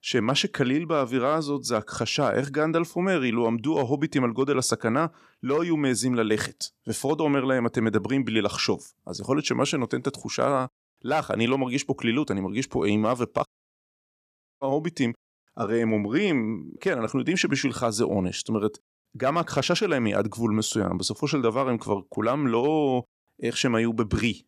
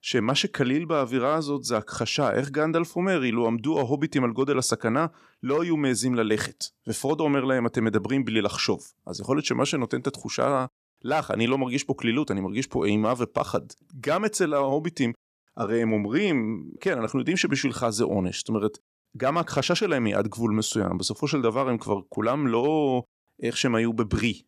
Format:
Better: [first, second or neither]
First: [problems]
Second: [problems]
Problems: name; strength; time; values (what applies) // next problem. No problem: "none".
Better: second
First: audio cutting out; at 13 s for 1 s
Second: none